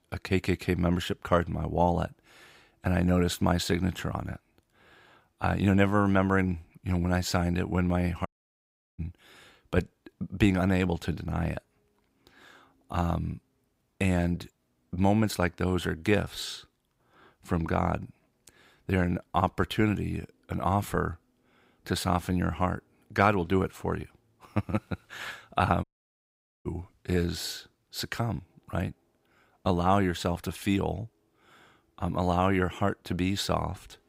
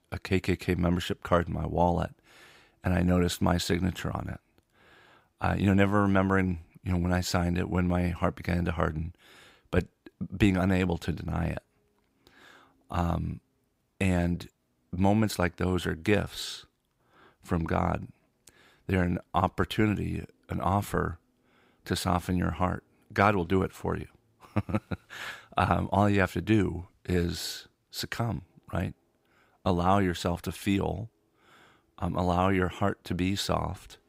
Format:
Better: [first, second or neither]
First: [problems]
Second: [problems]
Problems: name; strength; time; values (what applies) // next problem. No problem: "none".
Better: second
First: audio cutting out; at 8.5 s for 0.5 s and at 26 s for 1 s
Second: none